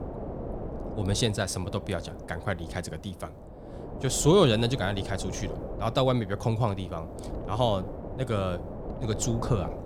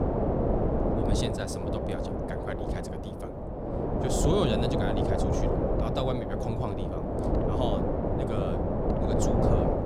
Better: first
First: wind noise on the microphone; occasional gusts; 10 dB below the speech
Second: wind noise on the microphone; heavy; 5 dB above the speech

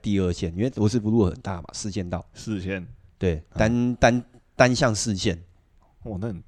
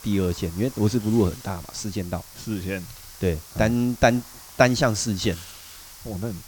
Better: first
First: none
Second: hiss; noticeable; throughout; 15 dB below the speech

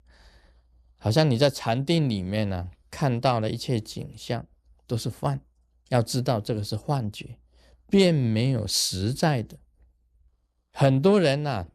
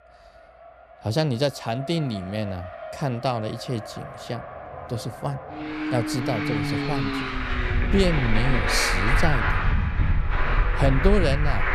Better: first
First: none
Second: traffic noise; very loud; throughout; 1 dB above the speech

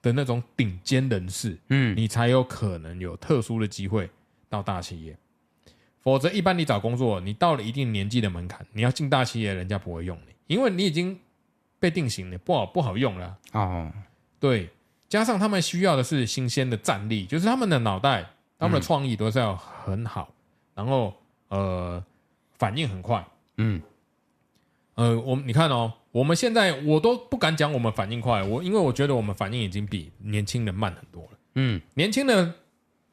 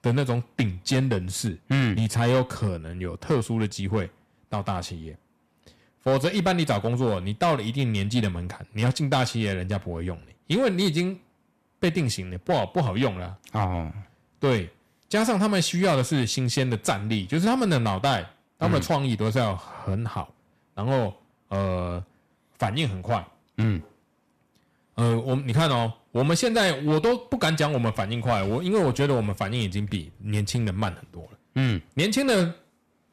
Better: first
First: none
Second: distortion; slight; 5% of the sound clipped

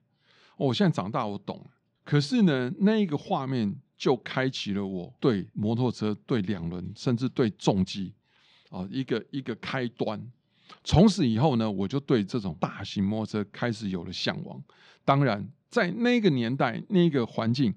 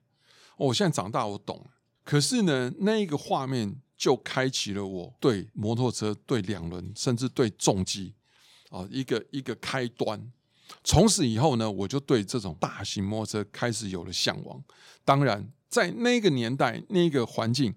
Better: second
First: muffled; very slightly; fading above 3 kHz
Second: none

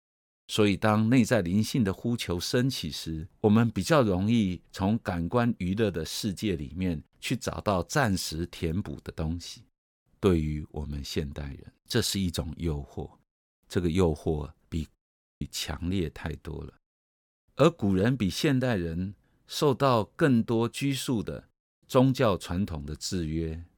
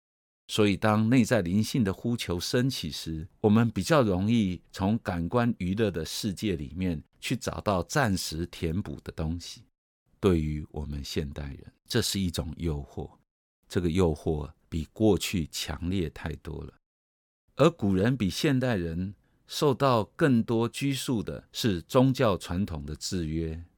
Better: second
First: audio cutting out; at 15 s and at 22 s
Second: none

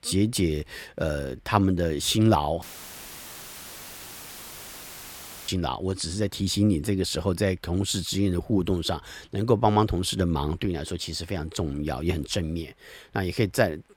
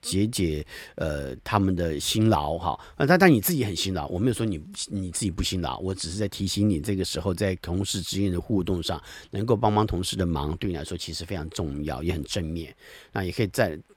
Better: second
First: audio cutting out; filled with static; at 2.5 s for 3 s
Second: none

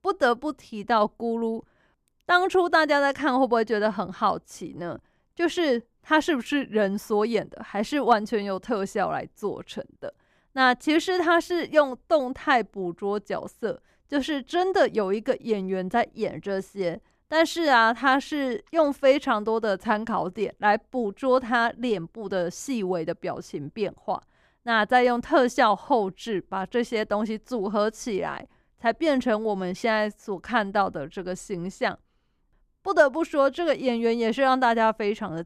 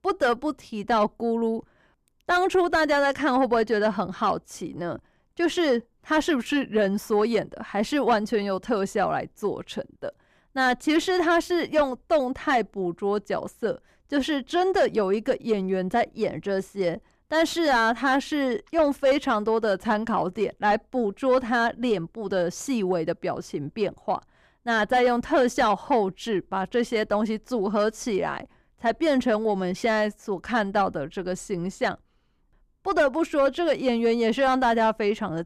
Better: first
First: none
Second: distortion; slight; 10 dB below the speech

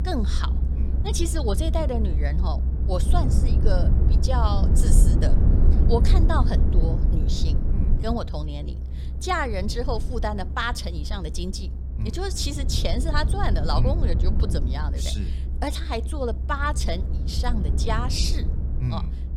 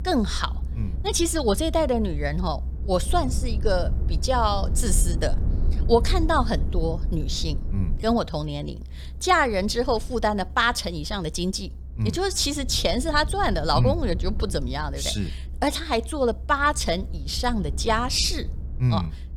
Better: second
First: low rumble; loud; throughout; 9 dB below the speech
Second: low rumble; faint; throughout; 20 dB below the speech

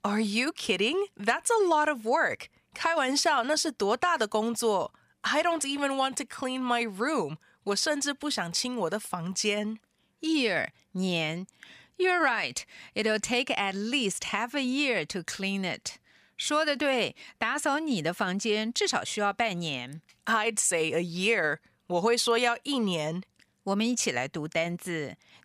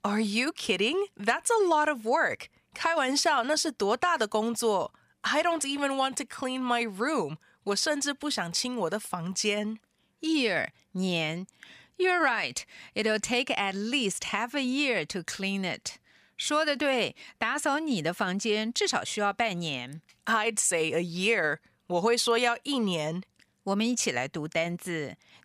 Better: neither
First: none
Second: none

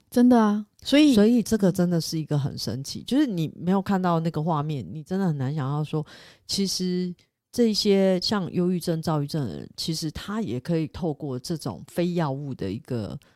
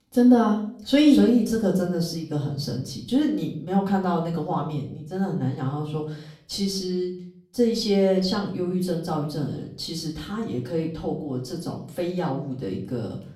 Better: first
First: none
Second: room echo; slight; dies away in 0.5 s // off-mic speech; far

